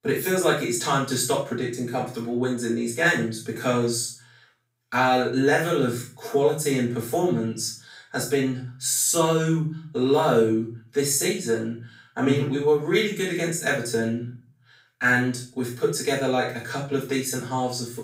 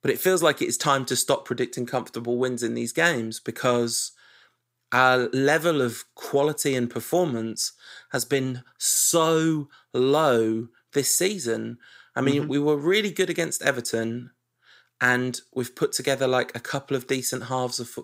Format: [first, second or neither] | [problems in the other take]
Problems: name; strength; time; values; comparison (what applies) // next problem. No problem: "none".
second | off-mic speech; far // room echo; noticeable; dies away in 0.4 s